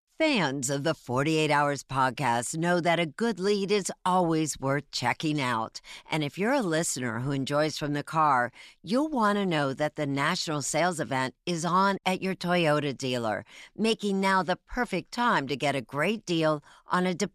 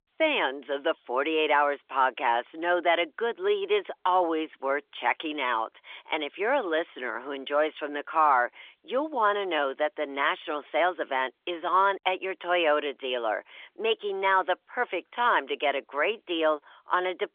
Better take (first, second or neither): first